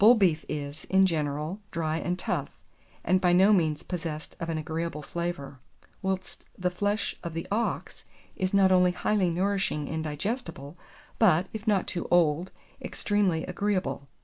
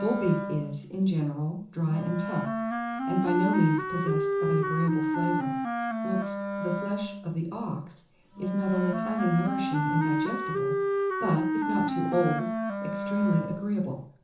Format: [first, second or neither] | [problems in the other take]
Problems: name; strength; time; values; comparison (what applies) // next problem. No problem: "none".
first | background sound (Wind instrument, woodwind instrument); 1 dB below the speech // room echo; dies away in 0.7 s